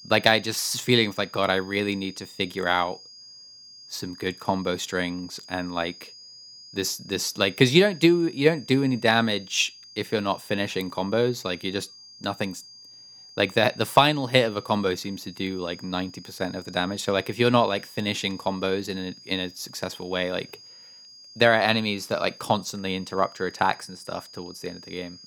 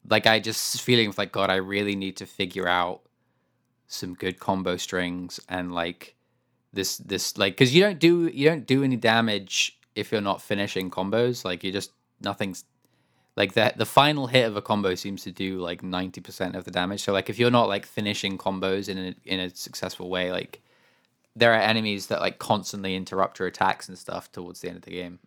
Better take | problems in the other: second | high-pitched whine; noticeable; throughout; 5 kHz, 20 dB below the speech

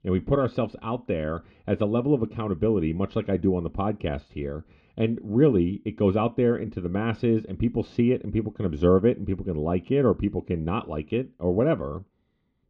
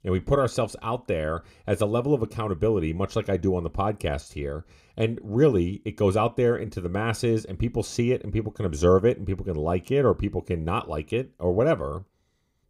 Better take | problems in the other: second | muffled; very; fading above 3.5 kHz

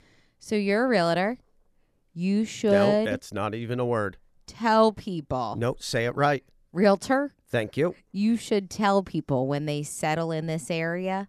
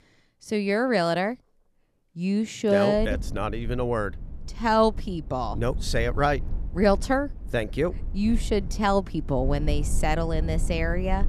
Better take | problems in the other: first | low rumble; faint; from 3 s on; 20 dB below the speech

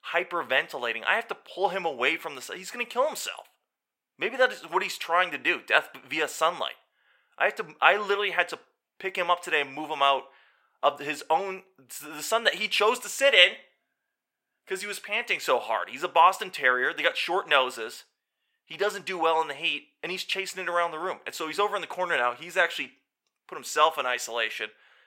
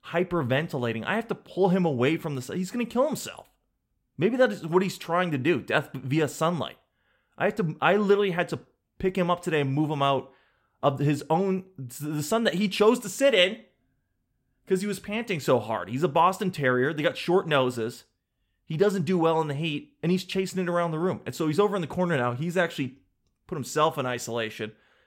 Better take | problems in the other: second | thin; very; fading below 700 Hz

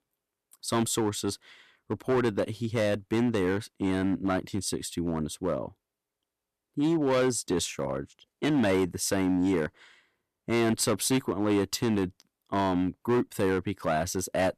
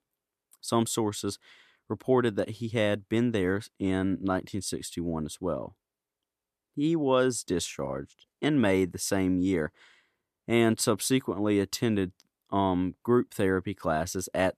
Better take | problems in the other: second | distortion; slight; 7% of the sound clipped

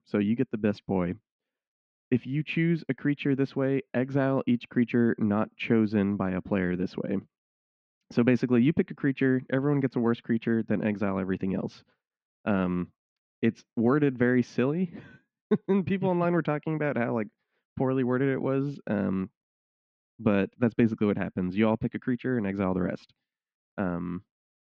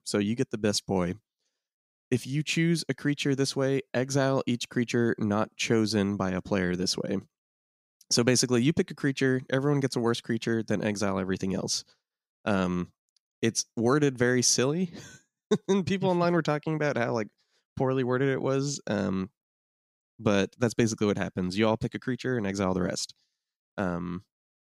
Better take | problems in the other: second | muffled; very; fading above 2.5 kHz

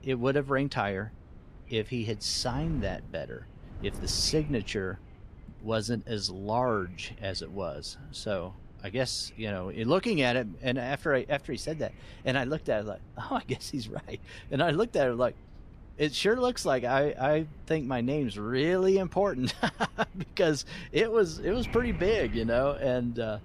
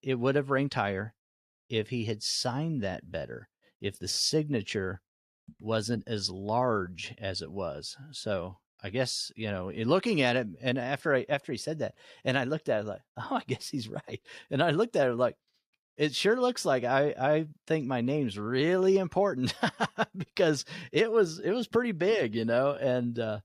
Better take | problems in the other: second | wind noise on the microphone; occasional gusts; 25 dB below the speech

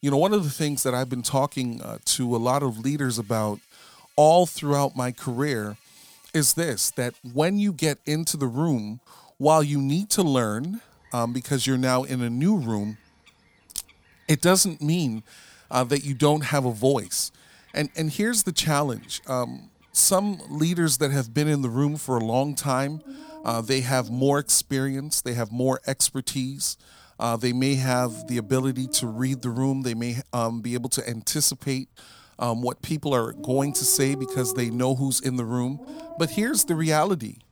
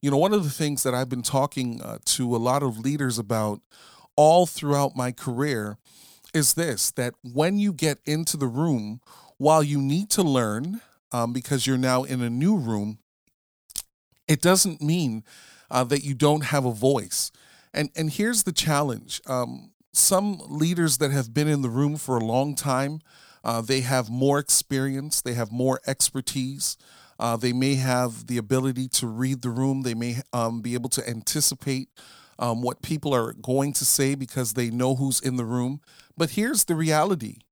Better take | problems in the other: second | animal sounds; noticeable; throughout; 20 dB below the speech

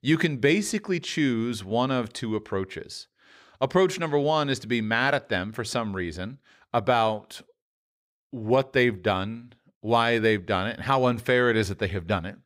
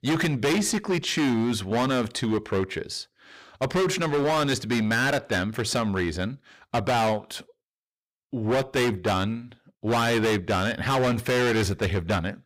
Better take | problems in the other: first | distortion; heavy; 19% of the sound clipped

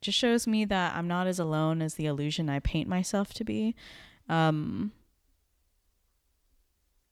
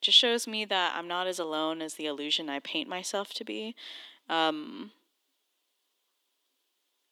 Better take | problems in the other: first | thin; somewhat; fading below 300 Hz

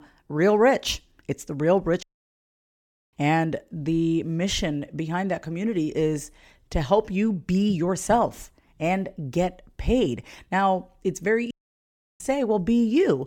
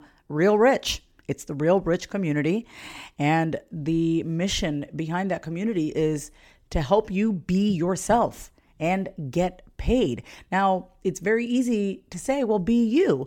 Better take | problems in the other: second | audio cutting out; at 2 s for 1 s and at 12 s for 0.5 s

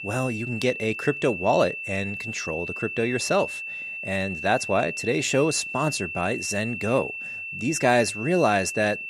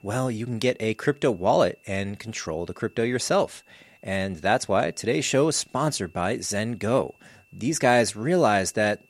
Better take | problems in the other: second | high-pitched whine; loud; throughout; 2.5 kHz, 6 dB below the speech; faint in the second

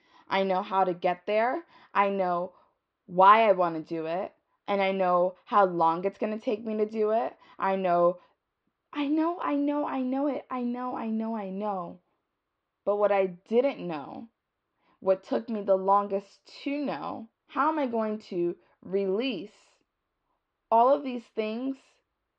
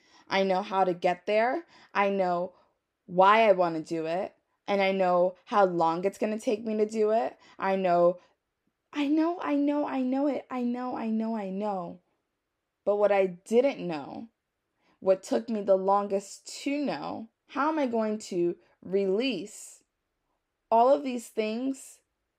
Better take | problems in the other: second | muffled; slightly; fading above 4 kHz

